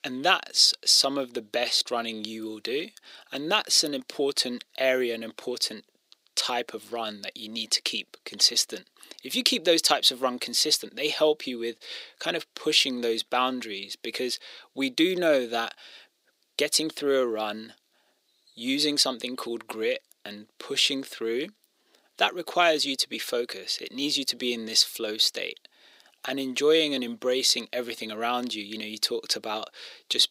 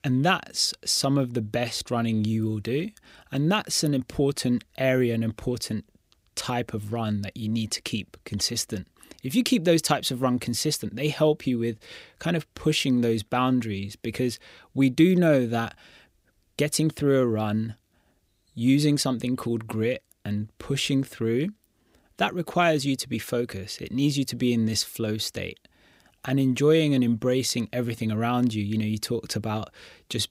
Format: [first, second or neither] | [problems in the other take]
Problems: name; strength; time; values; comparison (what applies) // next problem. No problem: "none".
second | thin; somewhat; fading below 350 Hz